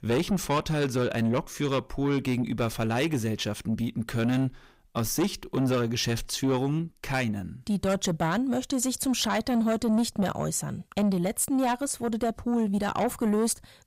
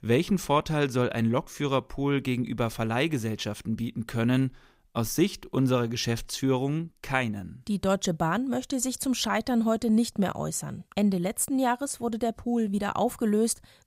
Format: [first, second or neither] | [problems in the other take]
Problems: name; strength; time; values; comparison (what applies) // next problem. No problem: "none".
second | distortion; slight; 10 dB below the speech